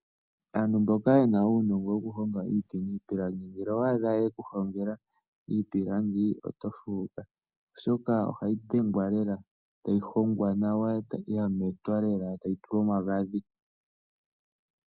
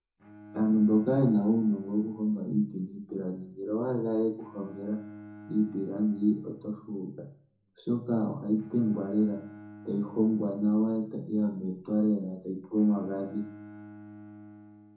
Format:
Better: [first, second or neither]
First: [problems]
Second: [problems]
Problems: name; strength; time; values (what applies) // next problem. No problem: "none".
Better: first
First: none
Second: background sound (Bowed string instrument); 20 dB below the speech // room echo; dies away in 0.6 s